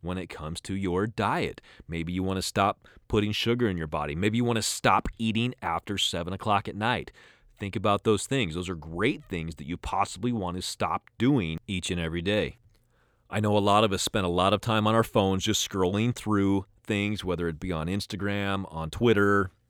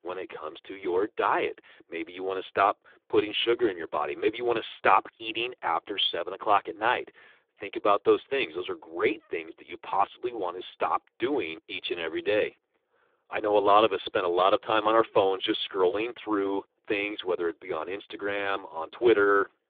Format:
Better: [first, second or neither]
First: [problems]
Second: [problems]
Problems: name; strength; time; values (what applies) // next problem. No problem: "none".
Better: first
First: none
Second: phone-call audio; poor line; nothing above 3.5 kHz